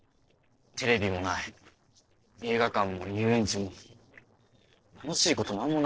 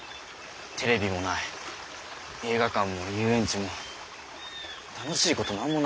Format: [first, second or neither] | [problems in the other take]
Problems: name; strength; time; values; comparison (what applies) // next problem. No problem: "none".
second | noise reduction (neural separator model SepFormer DNS4)